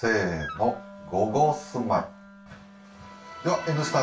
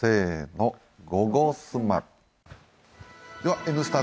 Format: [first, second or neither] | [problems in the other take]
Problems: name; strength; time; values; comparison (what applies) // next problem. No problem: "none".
second | background sound (Wind instrument, woodwind instrument); 17 dB below the speech // room echo; dies away in 0.2 s